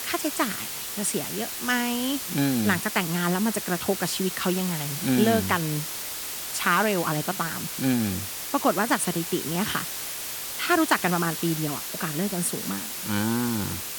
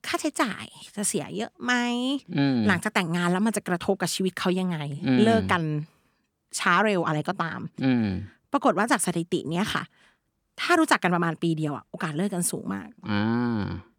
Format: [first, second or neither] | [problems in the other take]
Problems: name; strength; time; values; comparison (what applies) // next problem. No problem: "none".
second | hiss; loud; throughout; 4 dB below the speech